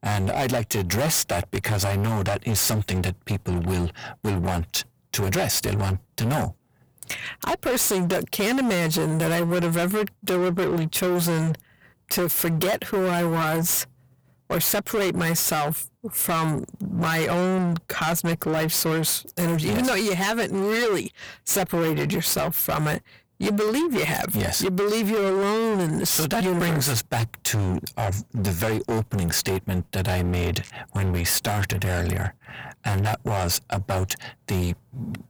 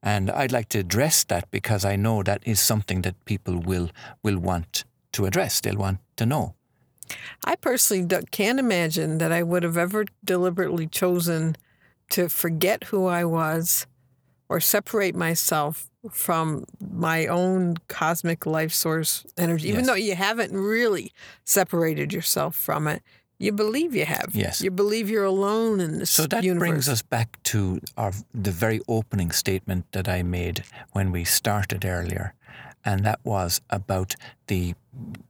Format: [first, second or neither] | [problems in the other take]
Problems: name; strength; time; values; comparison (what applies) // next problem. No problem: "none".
second | distortion; heavy; 27% of the sound clipped